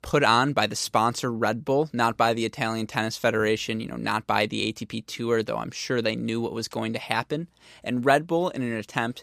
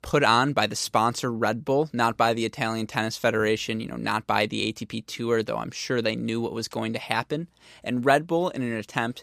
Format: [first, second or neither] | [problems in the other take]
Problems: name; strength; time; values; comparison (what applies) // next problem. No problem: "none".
neither | none